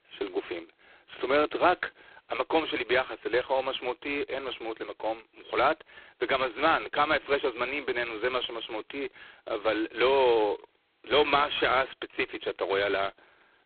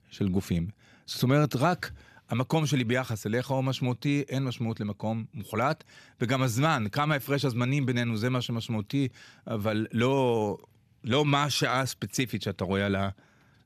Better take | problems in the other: second | phone-call audio; poor line; nothing above 3.5 kHz

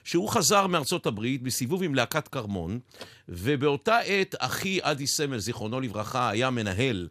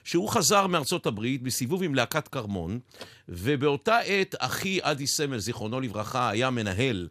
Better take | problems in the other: neither | none

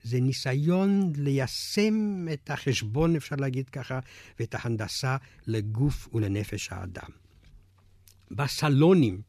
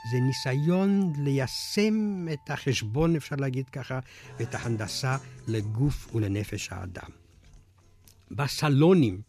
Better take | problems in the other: first | background music; noticeable; throughout; 20 dB below the speech

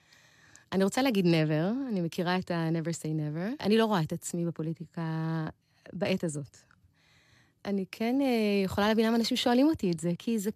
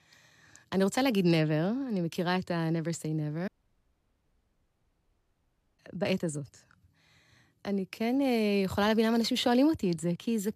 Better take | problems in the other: first | audio cutting out; at 3.5 s for 2.5 s

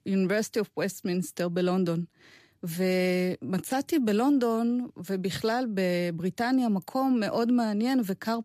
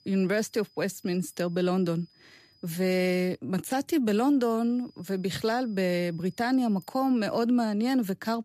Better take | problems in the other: first | high-pitched whine; faint; until 3.5 s and from 4.5 to 7.5 s; 5 kHz, 30 dB below the speech

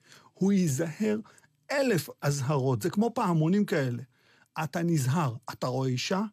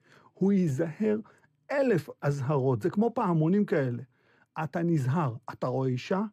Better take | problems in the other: first | muffled; slightly; fading above 3 kHz

